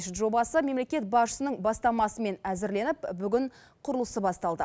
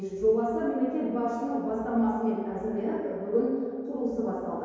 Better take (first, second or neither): first